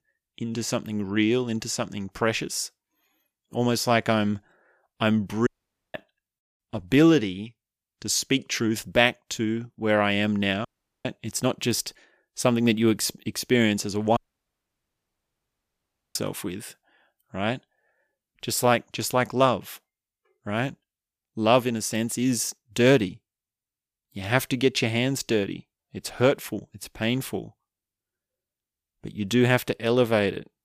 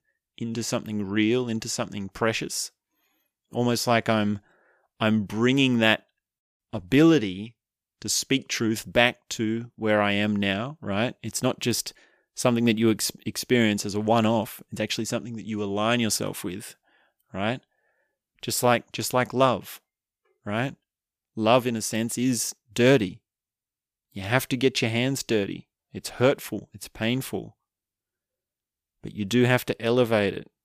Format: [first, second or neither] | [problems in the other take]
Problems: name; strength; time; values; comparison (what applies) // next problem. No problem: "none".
second | audio cutting out; at 5.5 s, at 11 s and at 14 s for 2 s